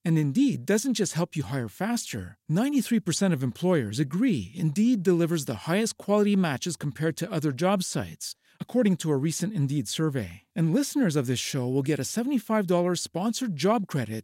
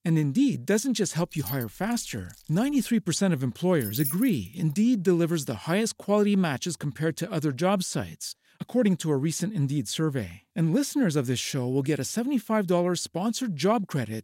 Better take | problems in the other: first | jangling keys; faint; from 1 to 3 s; peak 10 dB below the speech // jangling keys; noticeable; at 4 s; peak 4 dB below the speech

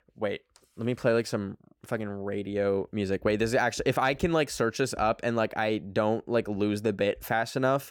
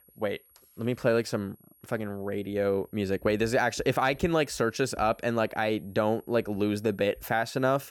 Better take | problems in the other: first | high-pitched whine; faint; throughout; 11.5 kHz, 30 dB below the speech

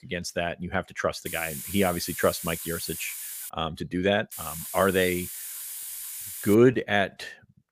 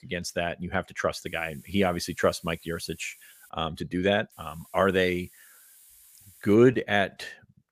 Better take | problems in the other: second | hiss; loud; from 1.5 to 3.5 s and from 4.5 to 6.5 s; 8 dB below the speech; faint in the second

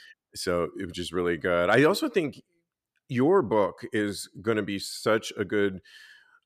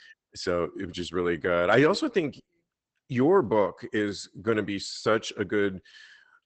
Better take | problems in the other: first | garbled, watery; badly; nothing above 8 kHz

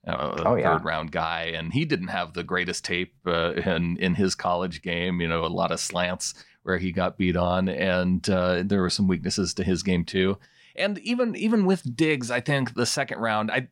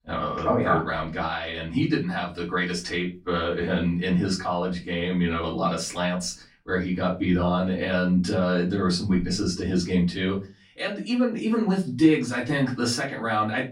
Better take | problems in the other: first | off-mic speech; far // room echo; very slight; dies away in 0.2 s

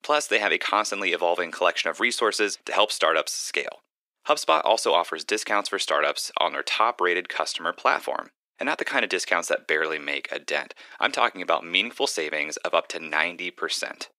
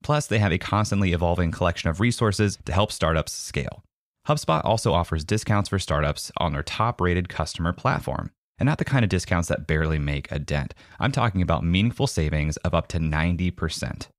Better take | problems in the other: second | thin; very; fading below 350 Hz

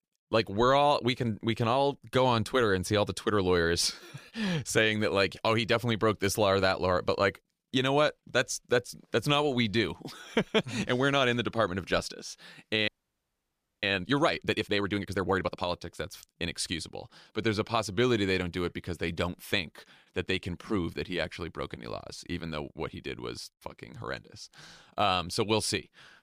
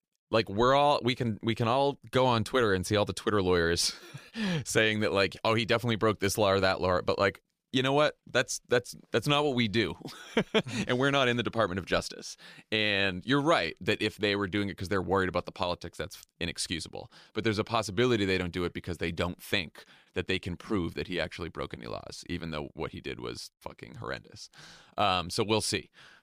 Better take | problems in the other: second | audio freezing; at 13 s for 1 s

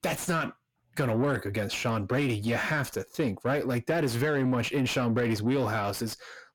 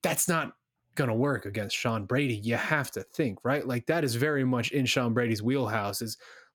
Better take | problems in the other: second | distortion; slight; 10 dB below the speech

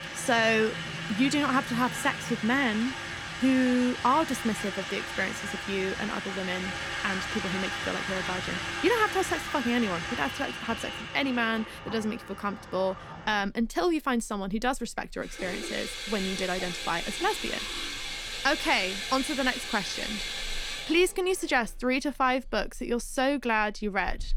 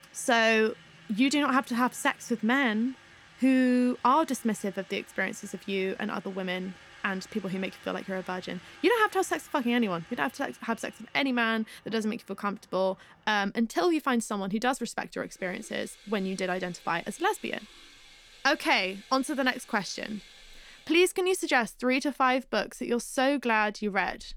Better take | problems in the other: second | household noises; loud; throughout; 5 dB below the speech; faint in the second

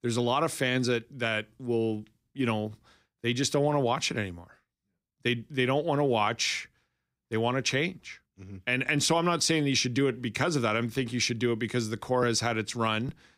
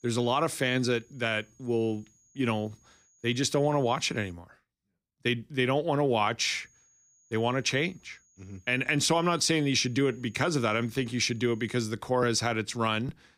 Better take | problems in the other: first | high-pitched whine; faint; until 4.5 s and from 6.5 to 12 s; 6.5 kHz, 35 dB below the speech

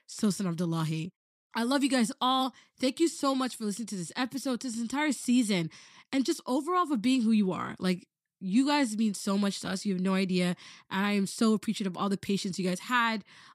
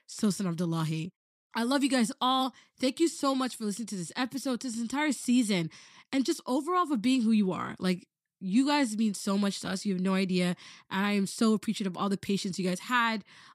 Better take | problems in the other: neither | none

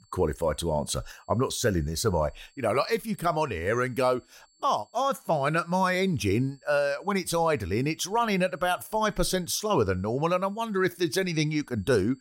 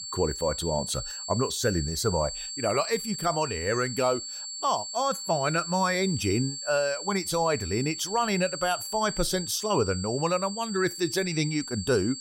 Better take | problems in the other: first | high-pitched whine; loud; throughout; 4.5 kHz, 6 dB below the speech; faint in the first

